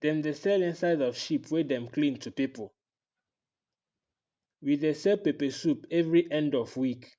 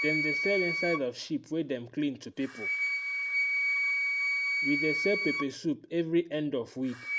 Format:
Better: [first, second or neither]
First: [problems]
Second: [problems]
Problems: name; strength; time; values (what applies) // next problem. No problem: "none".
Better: first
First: none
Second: background sound (Wind instrument, woodwind instrument); as loud as the speech